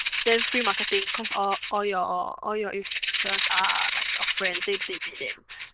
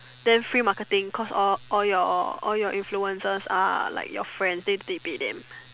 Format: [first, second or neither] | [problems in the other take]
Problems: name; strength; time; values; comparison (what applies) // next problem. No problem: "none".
second | noise reduction (neural diffusion model UNIVERSE++)